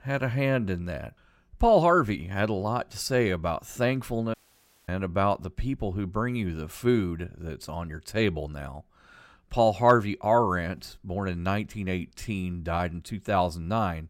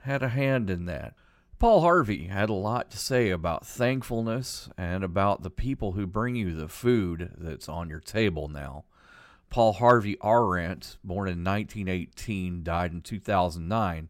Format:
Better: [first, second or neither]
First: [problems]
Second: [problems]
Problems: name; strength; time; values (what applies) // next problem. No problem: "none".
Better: second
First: audio cutting out; at 4.5 s for 0.5 s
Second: none